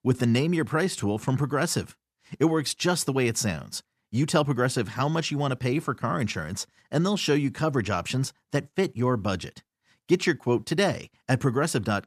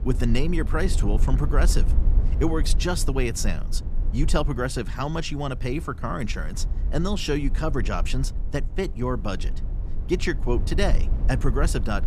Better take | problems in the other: first | low rumble; noticeable; throughout; 15 dB below the speech

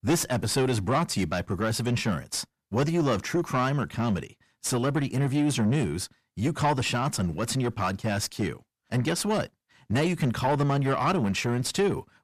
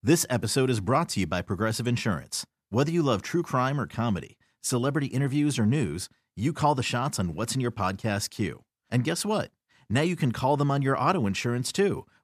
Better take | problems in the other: second | distortion; slight; 9 dB below the speech

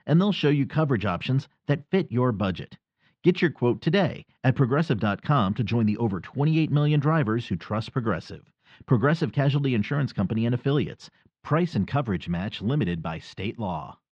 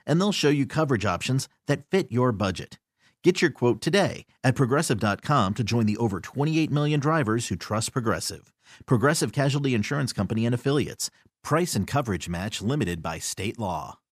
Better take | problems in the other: second | muffled; slightly; fading above 3.5 kHz

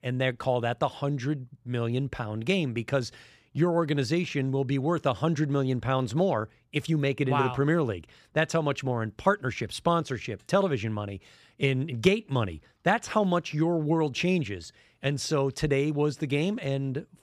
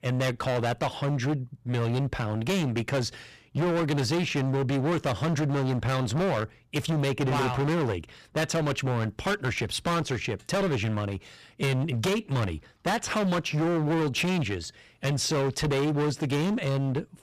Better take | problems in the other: first | distortion; heavy; 26% of the sound clipped

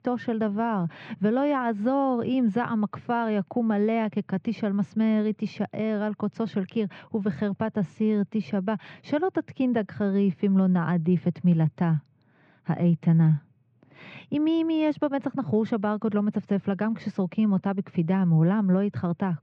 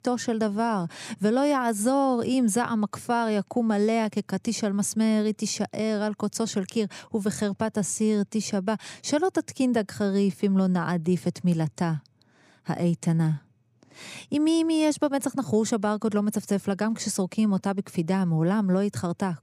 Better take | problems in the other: second | muffled; very; fading above 3 kHz

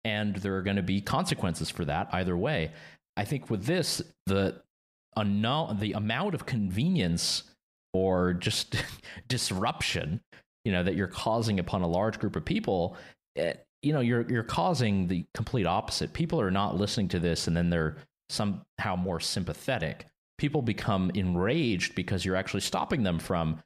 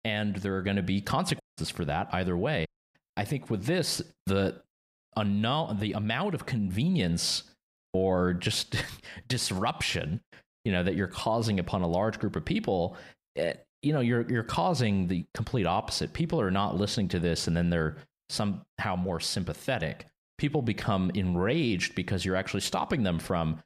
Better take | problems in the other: first | audio cutting out; at 1.5 s and at 2.5 s

